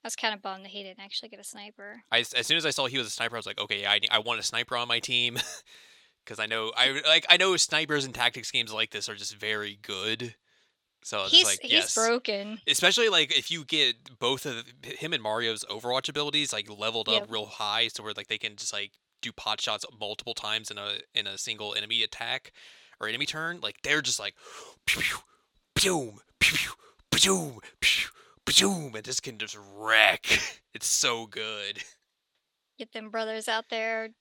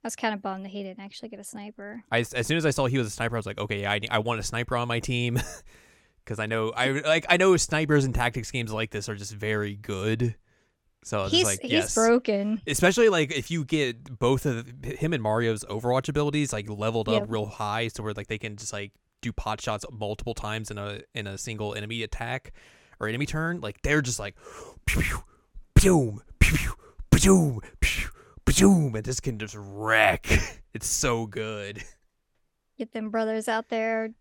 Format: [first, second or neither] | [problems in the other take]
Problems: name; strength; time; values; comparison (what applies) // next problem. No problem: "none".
second | thin; somewhat; fading below 700 Hz